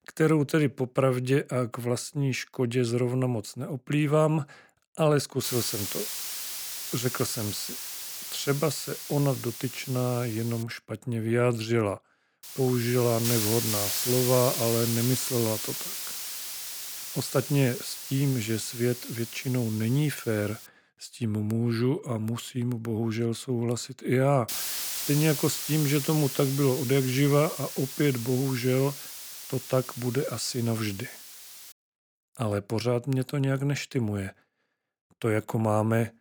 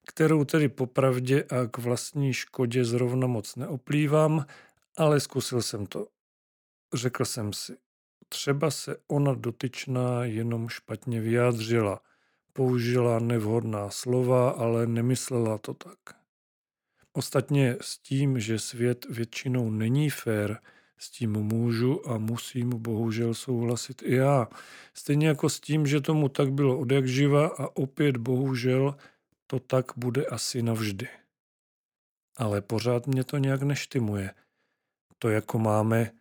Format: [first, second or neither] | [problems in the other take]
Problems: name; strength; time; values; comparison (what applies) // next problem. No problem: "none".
second | hiss; loud; from 5.5 to 11 s, from 12 to 21 s and from 24 to 32 s; 5 dB below the speech